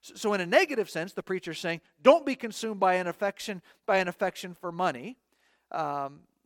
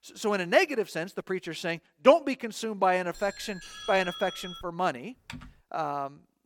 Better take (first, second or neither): first